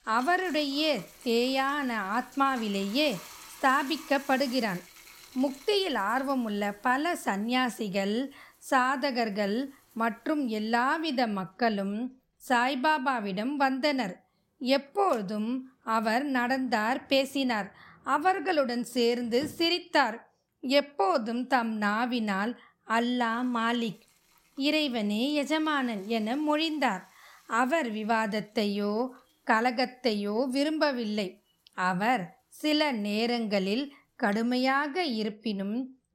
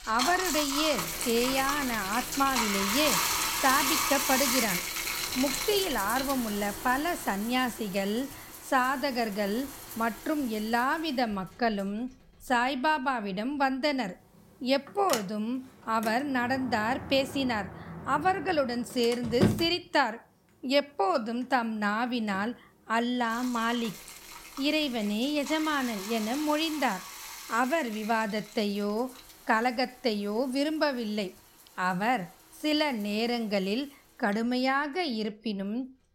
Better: first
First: household noises; faint; throughout; 25 dB below the speech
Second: household noises; loud; throughout; 4 dB below the speech

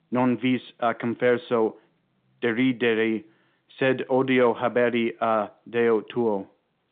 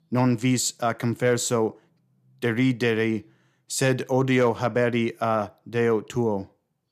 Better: second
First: phone-call audio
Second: none

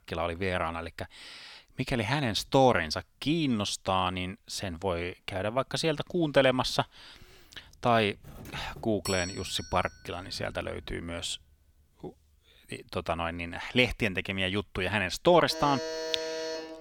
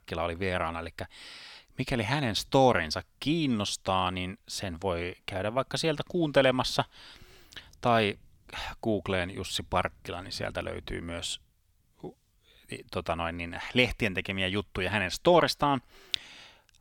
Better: second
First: doorbell; noticeable; from 8 to 10 s; peak 7 dB below the speech // alarm; noticeable; from 15 s on; peak 5 dB below the speech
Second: none

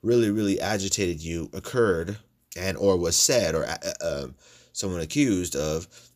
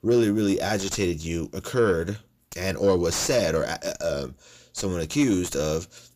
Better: first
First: none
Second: distortion; slight; 10 dB below the speech

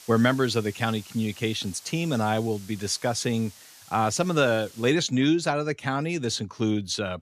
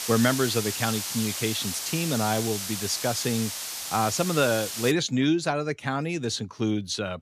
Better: first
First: hiss; faint; until 5 s; 20 dB below the speech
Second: hiss; loud; until 5 s; 4 dB below the speech

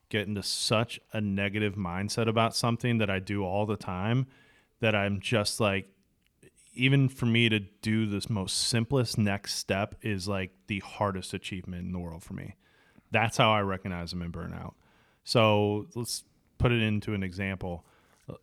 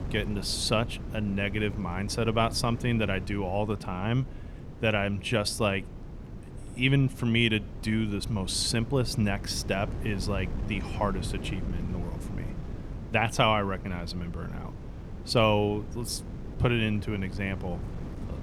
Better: first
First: none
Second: wind noise on the microphone; occasional gusts; 15 dB below the speech

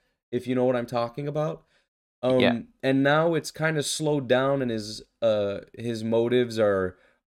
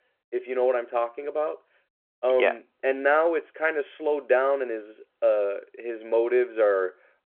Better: first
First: none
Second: phone-call audio

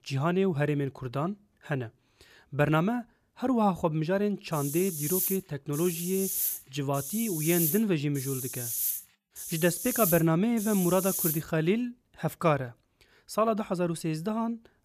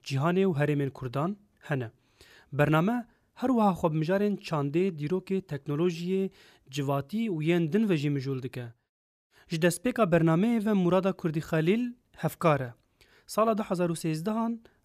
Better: second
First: hiss; loud; from 4.5 to 11 s; 3 dB below the speech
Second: none

